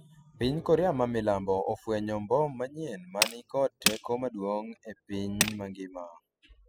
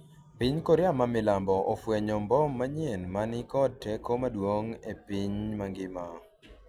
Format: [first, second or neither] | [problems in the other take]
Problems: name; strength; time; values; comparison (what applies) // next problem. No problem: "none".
second | noise reduction (classical method spectral subtraction)